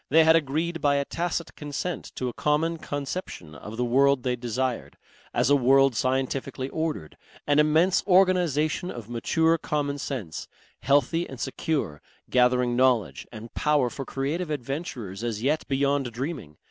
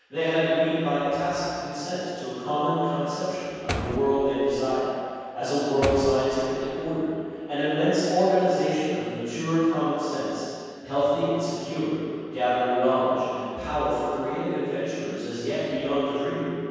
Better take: first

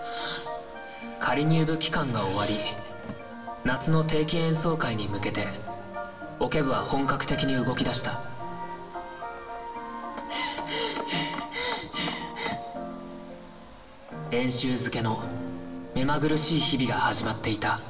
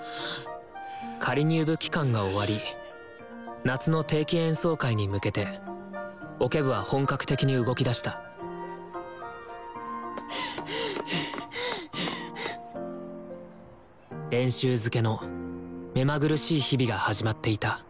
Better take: second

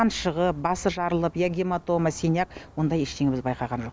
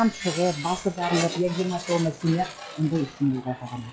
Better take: first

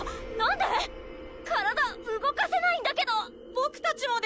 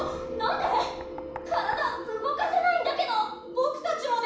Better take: first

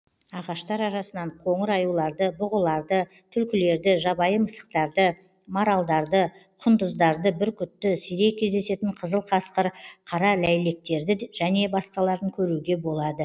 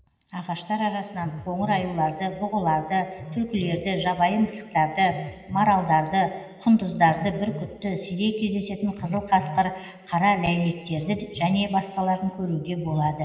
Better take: first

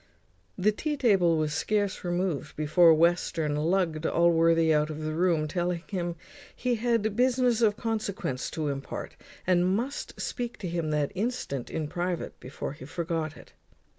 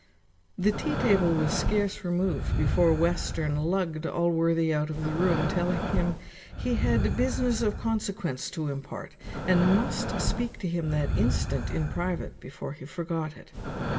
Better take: first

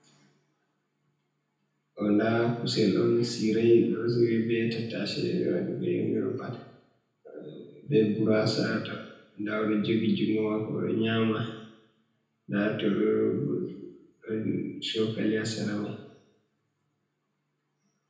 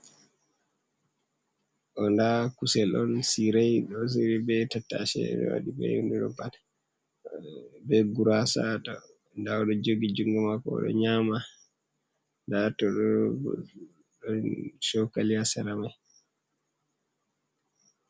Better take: second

